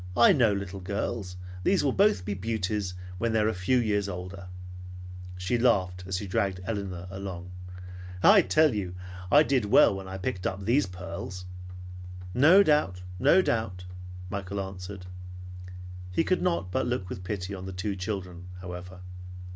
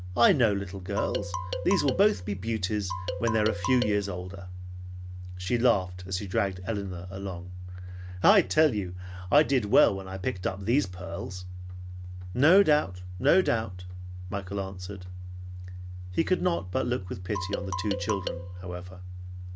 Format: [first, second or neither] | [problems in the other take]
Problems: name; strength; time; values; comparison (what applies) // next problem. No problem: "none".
first | background sound (Marimba, xylophone); 8 dB below the speech